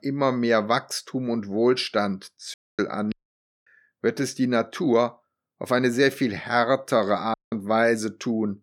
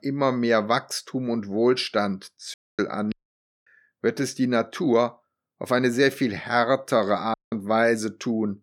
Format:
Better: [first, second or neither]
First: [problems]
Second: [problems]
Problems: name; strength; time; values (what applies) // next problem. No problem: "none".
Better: neither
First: audio cutting out; at 2.5 s, at 3 s for 0.5 s and at 7.5 s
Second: audio cutting out; at 2.5 s, at 3 s for 0.5 s and at 7.5 s